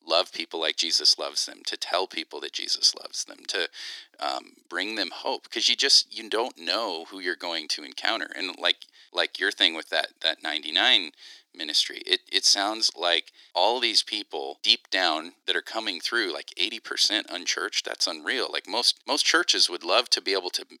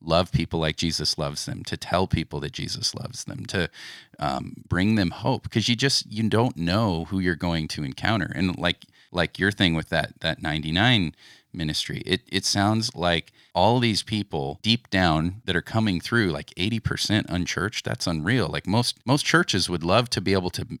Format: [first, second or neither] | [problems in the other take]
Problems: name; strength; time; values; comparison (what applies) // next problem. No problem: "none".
second | thin; very; fading below 350 Hz